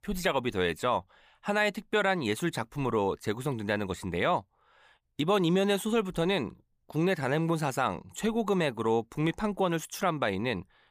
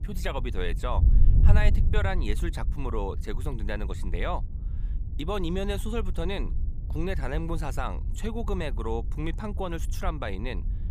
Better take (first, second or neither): first